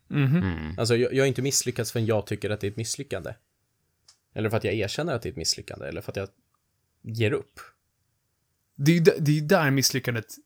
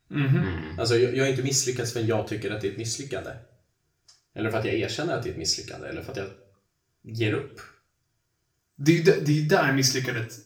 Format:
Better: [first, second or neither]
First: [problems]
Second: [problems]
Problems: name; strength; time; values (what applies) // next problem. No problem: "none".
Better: first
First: none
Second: room echo; slight; dies away in 0.4 s // off-mic speech; far